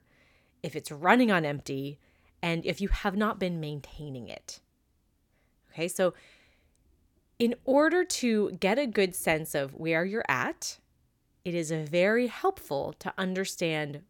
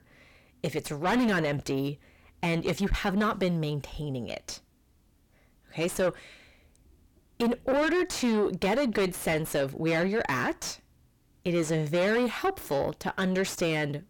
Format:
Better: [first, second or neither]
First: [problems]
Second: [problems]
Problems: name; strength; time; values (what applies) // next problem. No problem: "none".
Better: first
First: none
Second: distortion; heavy; 5 dB below the speech